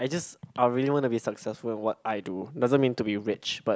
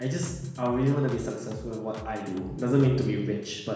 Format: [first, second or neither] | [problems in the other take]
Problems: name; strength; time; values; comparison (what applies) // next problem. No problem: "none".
first | background sound (Drum kit); 18 dB below the speech // room echo; dies away in 1.1 s